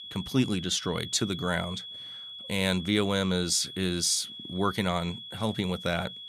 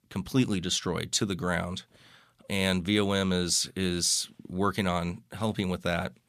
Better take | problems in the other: second | high-pitched whine; noticeable; throughout; 3.5 kHz, 10 dB below the speech

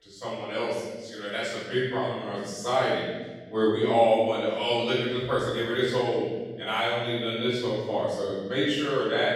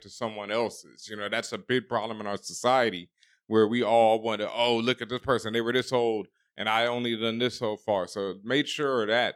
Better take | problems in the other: second | off-mic speech; far // room echo; strong; dies away in 1.4 s

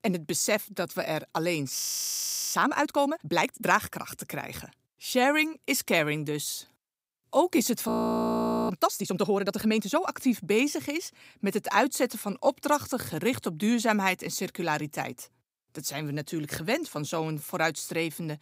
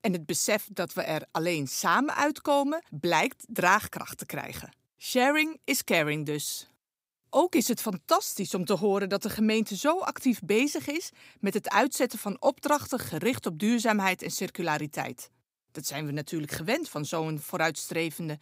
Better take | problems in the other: second | audio freezing; at 2 s for 0.5 s and at 8 s for 1 s

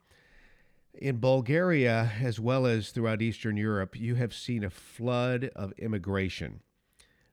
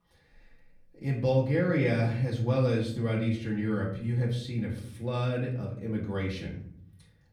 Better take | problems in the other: first | off-mic speech; far // room echo; slight; dies away in 0.7 s

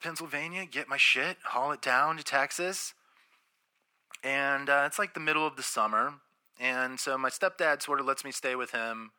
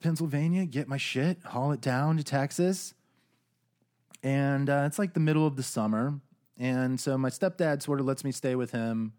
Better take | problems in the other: second | thin; very; fading below 600 Hz

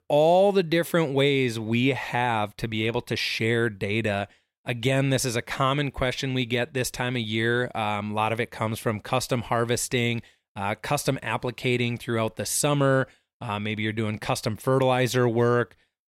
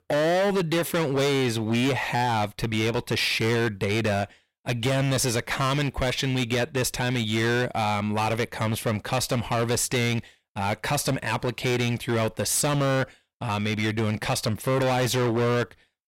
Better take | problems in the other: first | distortion; heavy; 21% of the sound clipped

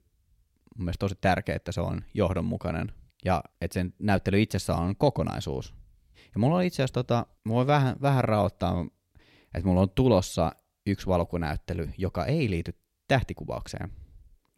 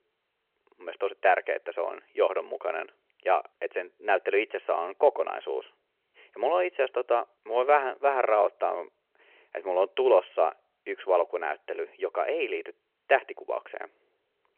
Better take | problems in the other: first | phone-call audio

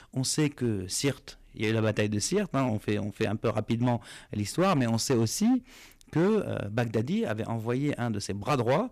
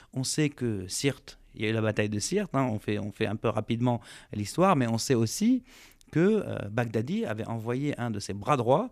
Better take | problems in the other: second | distortion; slight; 6% of the sound clipped

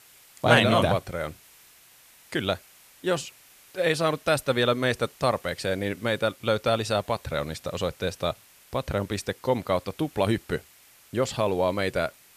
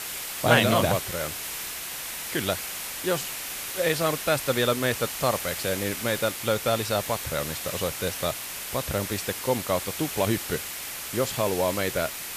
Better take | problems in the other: first | hiss; loud; throughout; 4 dB below the speech; faint in the first

